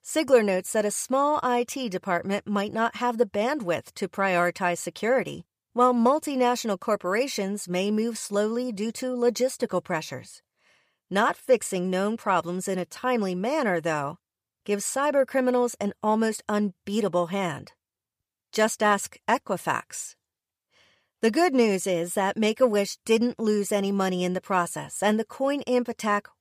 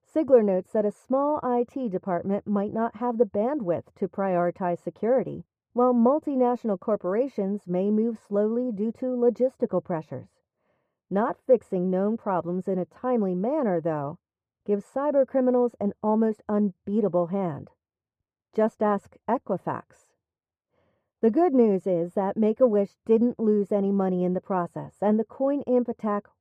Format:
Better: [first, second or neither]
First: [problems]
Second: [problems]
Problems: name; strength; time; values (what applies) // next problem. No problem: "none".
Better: first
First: none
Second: muffled; very; fading above 1.5 kHz